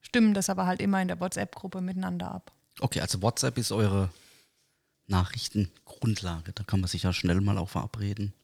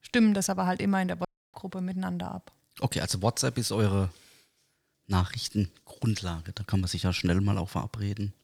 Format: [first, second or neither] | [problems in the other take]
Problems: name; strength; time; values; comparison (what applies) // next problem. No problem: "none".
first | audio cutting out; at 1.5 s